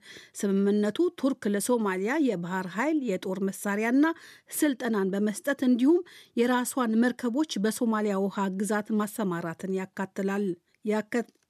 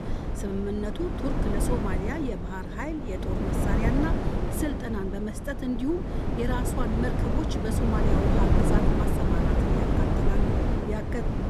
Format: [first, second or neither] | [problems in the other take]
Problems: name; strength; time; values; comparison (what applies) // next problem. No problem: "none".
first | wind noise on the microphone; heavy; 2 dB above the speech